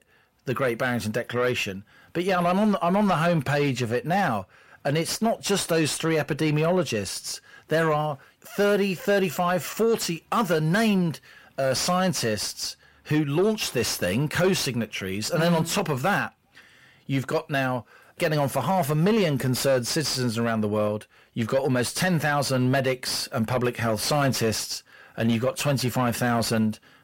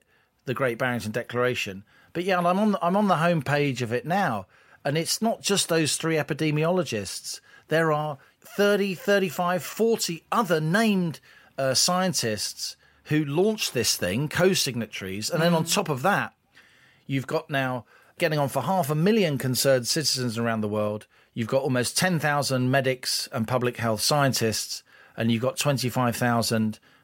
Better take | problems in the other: second | distortion; slight; 10 dB below the speech

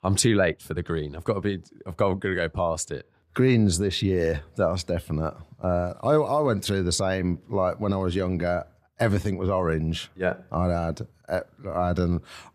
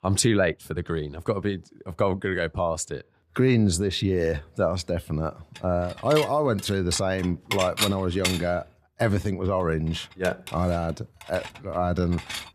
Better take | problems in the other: first | clattering dishes; loud; from 5.5 s on; peak 1 dB above the speech

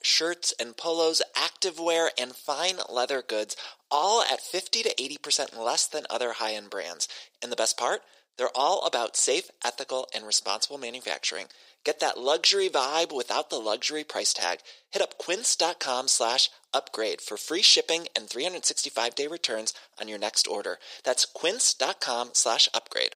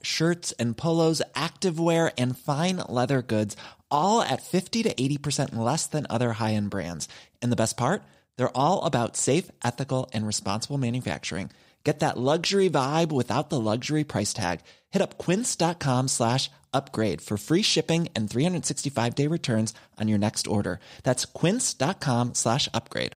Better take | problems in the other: second | thin; very; fading below 450 Hz

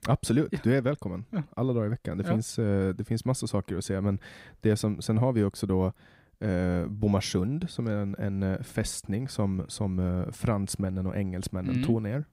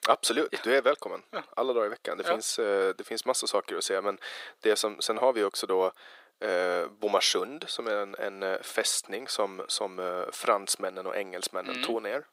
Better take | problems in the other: first | thin; very; fading below 450 Hz

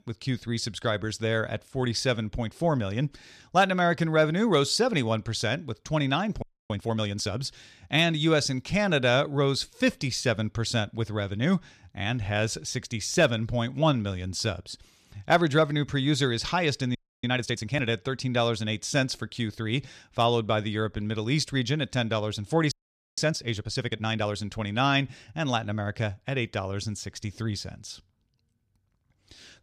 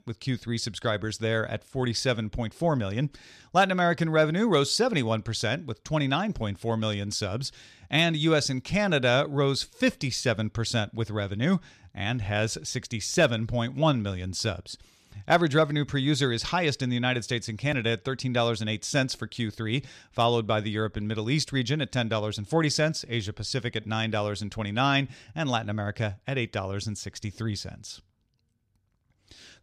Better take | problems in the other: second | audio freezing; at 6.5 s, at 17 s and at 23 s

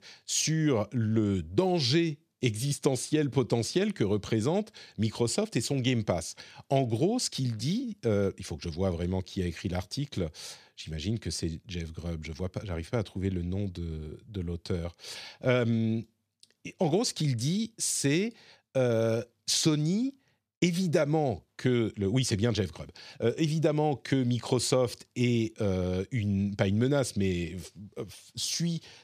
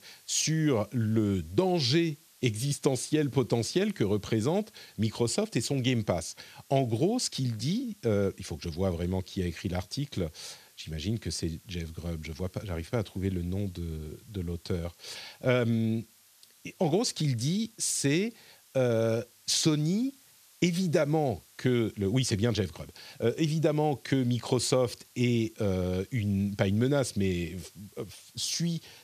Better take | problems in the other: first | hiss; faint; throughout; 25 dB below the speech

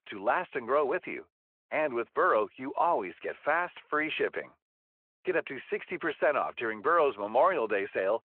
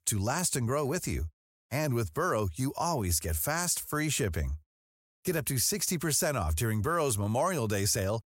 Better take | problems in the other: second | phone-call audio

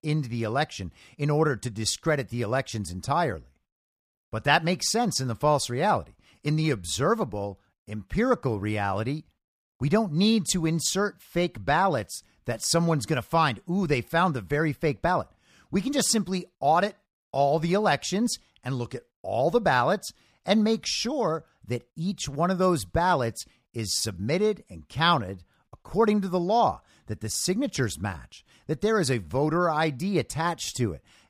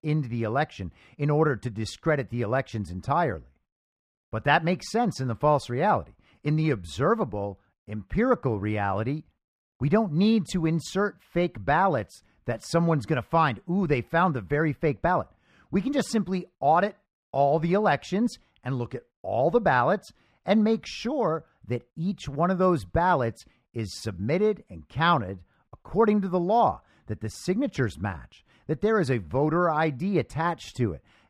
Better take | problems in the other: first | muffled; slightly; fading above 3.5 kHz

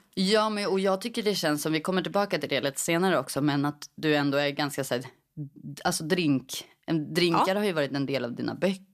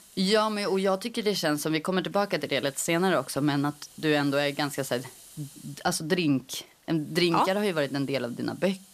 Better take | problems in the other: first | hiss; faint; throughout; 25 dB below the speech

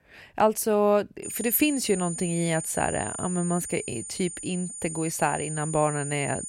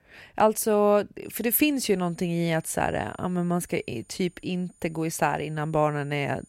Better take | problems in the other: second | high-pitched whine; loud; from 1 s on; 9 kHz, 7 dB below the speech; faint in the second

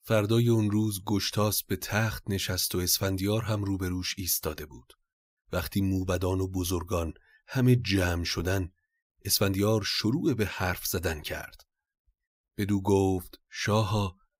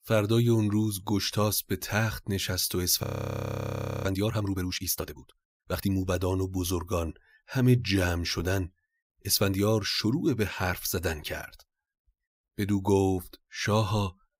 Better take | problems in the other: first | audio freezing; at 3 s for 1 s

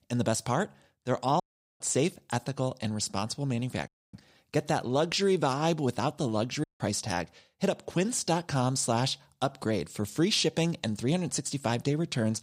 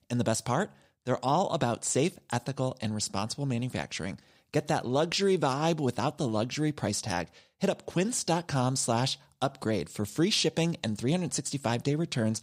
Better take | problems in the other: second | audio cutting out; at 1.5 s, at 4 s and at 6.5 s

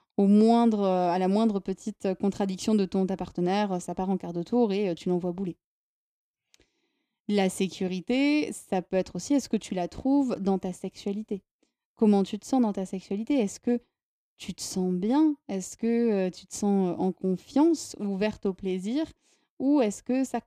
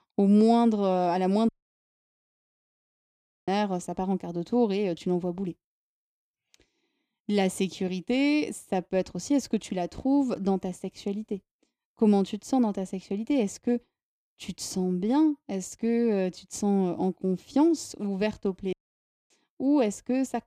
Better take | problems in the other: first | audio cutting out; at 1.5 s for 2 s and at 19 s for 0.5 s

